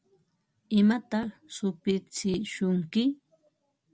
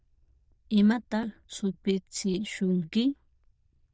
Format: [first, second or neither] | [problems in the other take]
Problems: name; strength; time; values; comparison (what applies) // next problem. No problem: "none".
first | noise reduction (neural diffusion model UNIVERSE++)